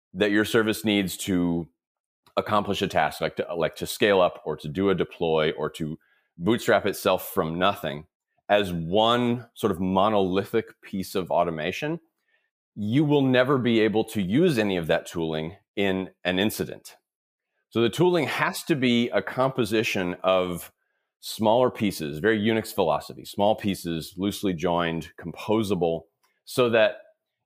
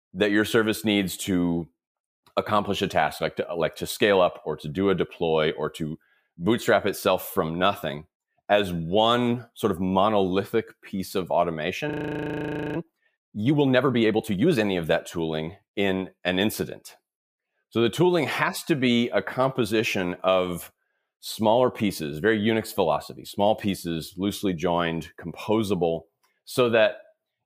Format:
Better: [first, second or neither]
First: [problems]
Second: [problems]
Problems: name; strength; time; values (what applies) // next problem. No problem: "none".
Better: first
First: none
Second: audio freezing; at 12 s for 1 s